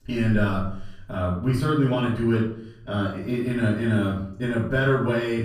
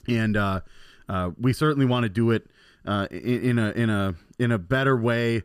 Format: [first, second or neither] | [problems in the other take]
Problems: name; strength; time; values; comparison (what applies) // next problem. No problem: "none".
second | off-mic speech; far // room echo; noticeable; dies away in 0.5 s